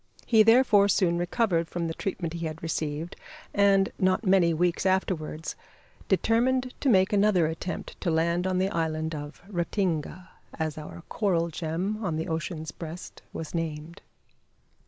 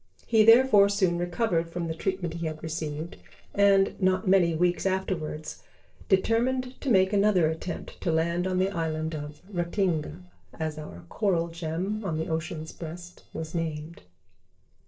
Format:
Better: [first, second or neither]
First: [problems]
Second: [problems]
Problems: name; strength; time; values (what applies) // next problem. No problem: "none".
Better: first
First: none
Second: noise reduction (neural separator model SepFormer DNS4)